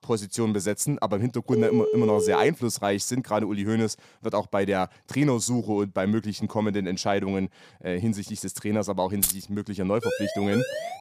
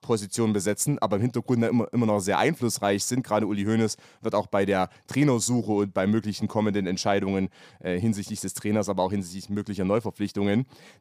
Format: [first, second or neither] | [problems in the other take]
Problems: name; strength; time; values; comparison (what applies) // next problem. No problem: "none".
second | phone ringing; loud; at 1.5 s; peak 2 dB above the speech // jangling keys; loud; at 9 s; peak 2 dB above the speech // siren; noticeable; at 10 s; peak 3 dB below the speech